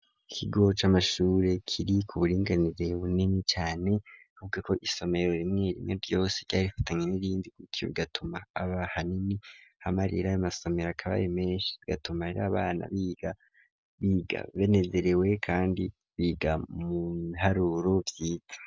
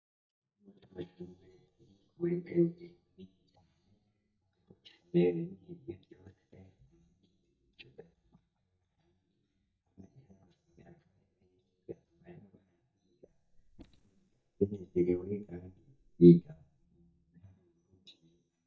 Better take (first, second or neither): first